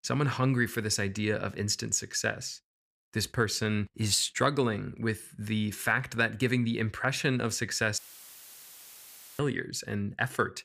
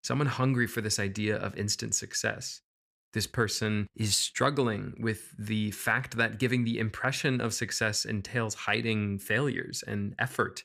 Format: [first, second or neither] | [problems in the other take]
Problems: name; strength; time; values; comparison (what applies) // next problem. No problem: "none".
second | audio cutting out; filled with static; at 8 s for 1.5 s